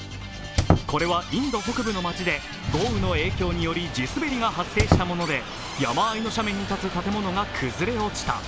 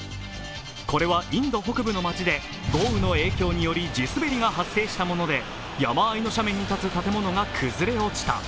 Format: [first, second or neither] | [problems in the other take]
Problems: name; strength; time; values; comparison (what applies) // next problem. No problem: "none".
second | background sound (Squeak); 5 dB below the speech